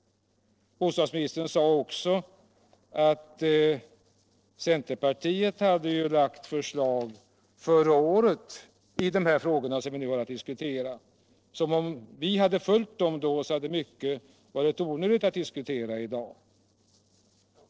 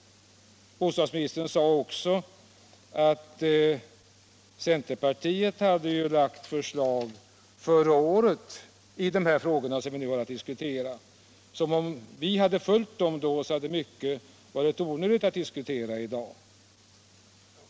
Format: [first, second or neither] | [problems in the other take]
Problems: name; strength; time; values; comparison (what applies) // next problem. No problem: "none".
second | noise reduction (neural separator model SepFormer DNS4)